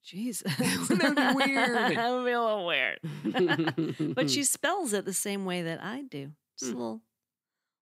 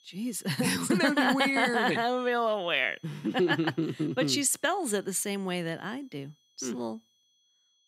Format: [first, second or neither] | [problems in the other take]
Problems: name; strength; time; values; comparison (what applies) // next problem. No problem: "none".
first | high-pitched whine; faint; throughout; 3.5 kHz, 35 dB below the speech